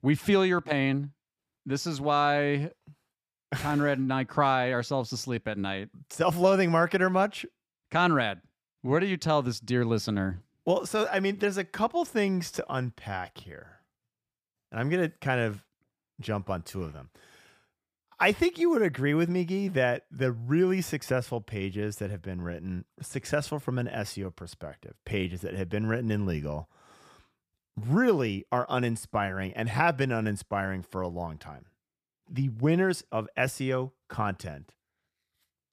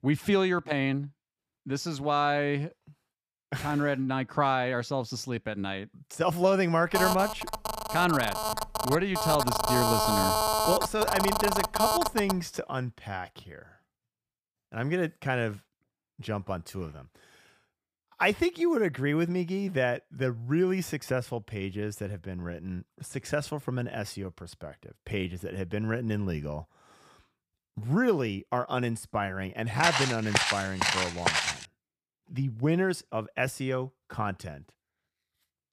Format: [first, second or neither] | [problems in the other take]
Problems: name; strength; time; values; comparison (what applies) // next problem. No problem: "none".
first | phone ringing; loud; from 7 to 12 s; peak 5 dB above the speech // footsteps; loud; from 30 to 32 s; peak 4 dB above the speech